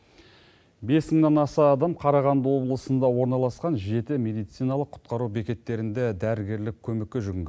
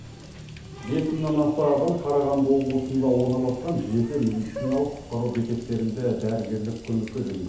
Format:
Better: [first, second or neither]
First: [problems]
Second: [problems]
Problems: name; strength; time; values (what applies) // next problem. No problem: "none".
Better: first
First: none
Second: background sound (Water tap, faucet); 15 dB below the speech // room echo; dies away in 2.2 s